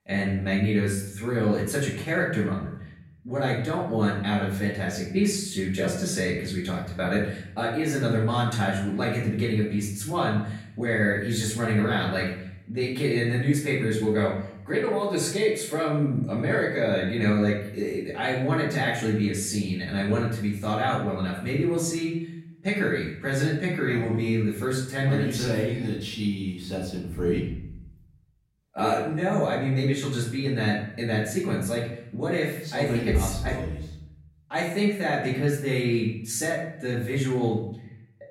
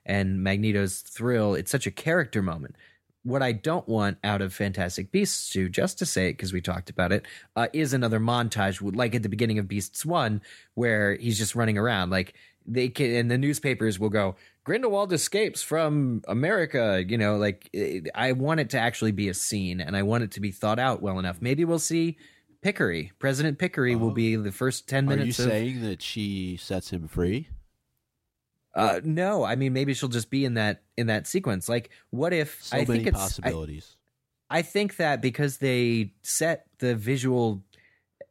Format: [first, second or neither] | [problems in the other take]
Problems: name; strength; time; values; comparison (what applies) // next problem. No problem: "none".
second | off-mic speech; far // room echo; noticeable; dies away in 0.7 s